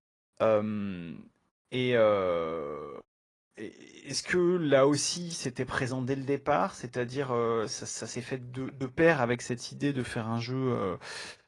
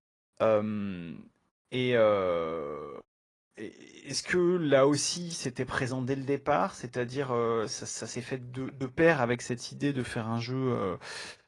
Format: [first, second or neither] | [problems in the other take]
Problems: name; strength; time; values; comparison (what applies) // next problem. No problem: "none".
neither | garbled, watery; slightly; nothing above 10 kHz; the same in both